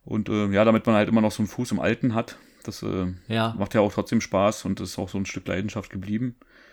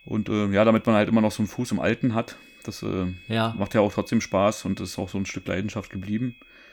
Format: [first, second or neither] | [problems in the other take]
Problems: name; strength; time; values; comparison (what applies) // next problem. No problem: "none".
first | high-pitched whine; faint; throughout; 2.5 kHz, 25 dB below the speech